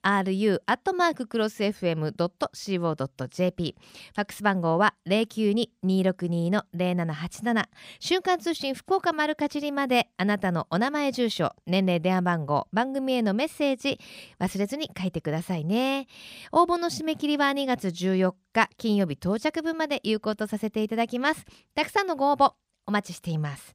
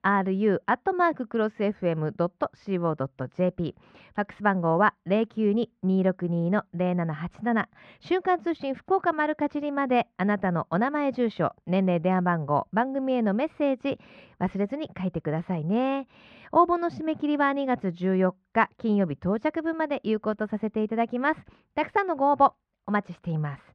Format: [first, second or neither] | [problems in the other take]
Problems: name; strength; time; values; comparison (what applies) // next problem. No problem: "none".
first | muffled; very; fading above 1.5 kHz